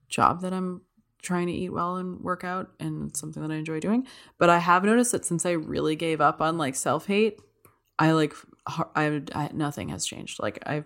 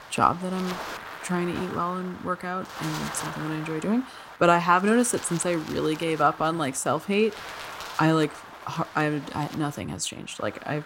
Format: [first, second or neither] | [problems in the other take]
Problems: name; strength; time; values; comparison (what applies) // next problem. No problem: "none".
first | wind noise on the microphone; occasional gusts; 10 dB below the speech